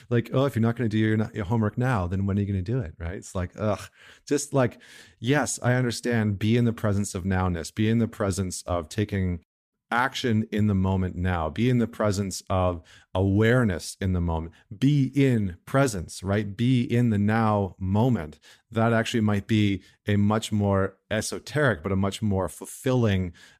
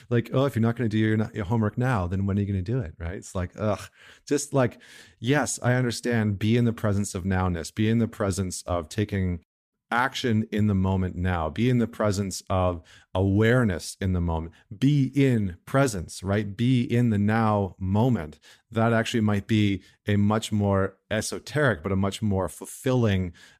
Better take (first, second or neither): neither